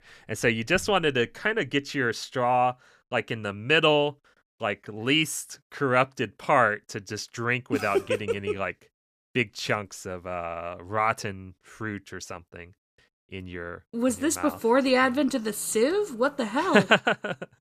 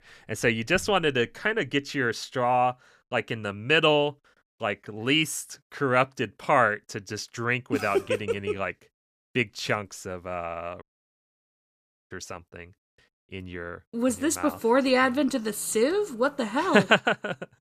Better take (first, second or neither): first